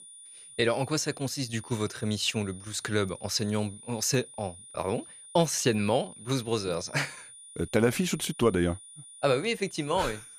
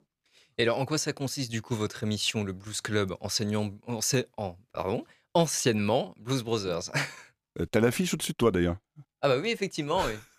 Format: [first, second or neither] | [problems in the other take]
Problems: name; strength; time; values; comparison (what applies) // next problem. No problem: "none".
second | high-pitched whine; noticeable; throughout; 9.5 kHz, 15 dB below the speech